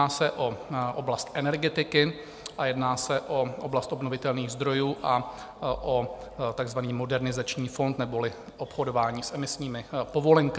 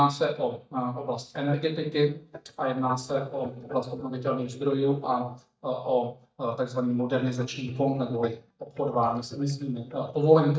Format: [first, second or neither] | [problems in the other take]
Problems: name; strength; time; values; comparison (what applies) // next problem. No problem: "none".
first | noise reduction (neural mask model DeepFilterNet 3)